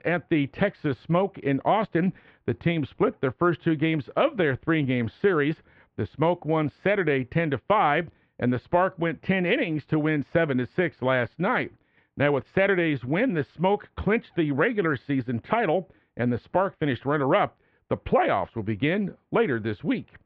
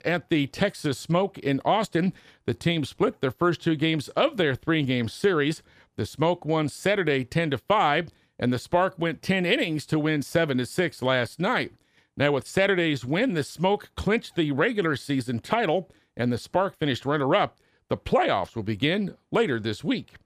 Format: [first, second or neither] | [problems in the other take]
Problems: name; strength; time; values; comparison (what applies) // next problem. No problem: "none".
second | muffled; very; fading above 2.5 kHz